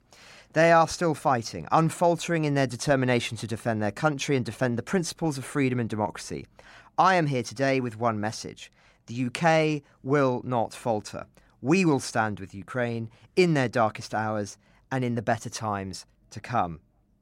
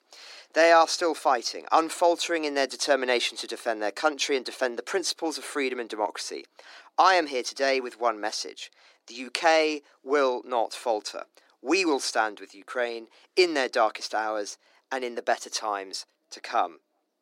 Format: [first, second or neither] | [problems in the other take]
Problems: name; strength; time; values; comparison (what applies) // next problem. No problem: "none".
first | thin; somewhat; fading below 300 Hz